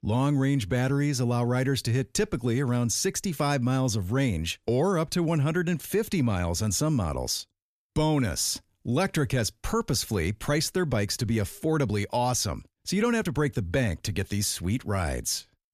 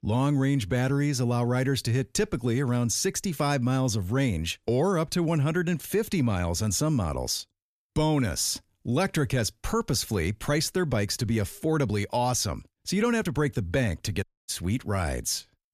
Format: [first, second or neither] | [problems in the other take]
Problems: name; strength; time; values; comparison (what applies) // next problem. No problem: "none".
first | audio cutting out; at 14 s